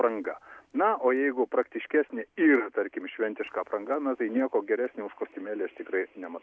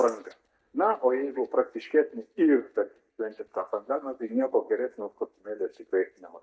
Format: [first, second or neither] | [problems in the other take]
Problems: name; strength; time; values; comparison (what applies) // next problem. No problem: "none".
first | noise reduction (neural mask model DeepFilterNet 3)